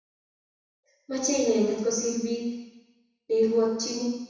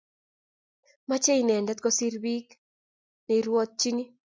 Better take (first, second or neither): second